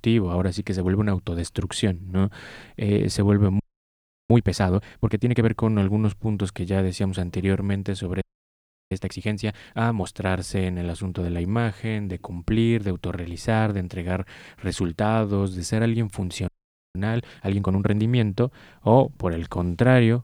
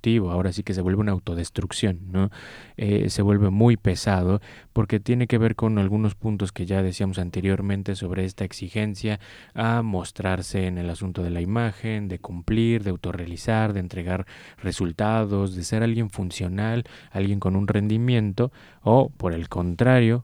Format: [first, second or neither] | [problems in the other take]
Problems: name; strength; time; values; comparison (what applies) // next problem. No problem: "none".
second | audio freezing; at 3.5 s for 0.5 s, at 8 s for 0.5 s and at 16 s